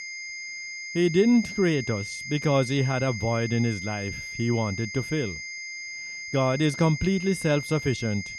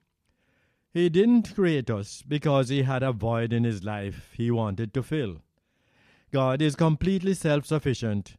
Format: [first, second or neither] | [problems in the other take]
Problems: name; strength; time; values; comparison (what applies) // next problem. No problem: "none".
second | high-pitched whine; loud; throughout; 2 kHz, 9 dB below the speech